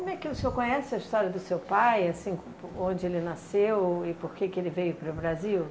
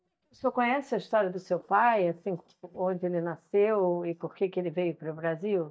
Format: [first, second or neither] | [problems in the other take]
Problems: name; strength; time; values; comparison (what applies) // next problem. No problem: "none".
first | noise reduction (neural mask model DeepFilterNet 3)